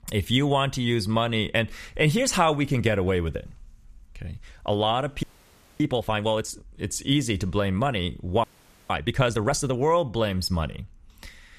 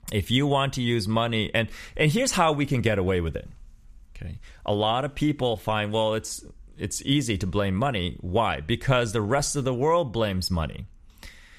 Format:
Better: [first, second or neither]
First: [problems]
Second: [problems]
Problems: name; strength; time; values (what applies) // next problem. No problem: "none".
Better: second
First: audio freezing; at 5 s for 0.5 s and at 8.5 s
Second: none